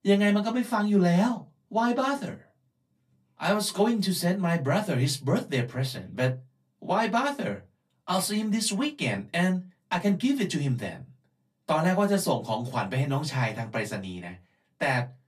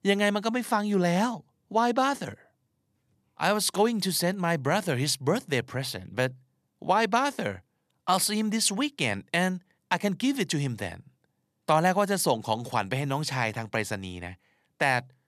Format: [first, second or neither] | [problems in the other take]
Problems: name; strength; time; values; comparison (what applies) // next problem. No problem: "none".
second | off-mic speech; far // room echo; very slight; dies away in 0.2 s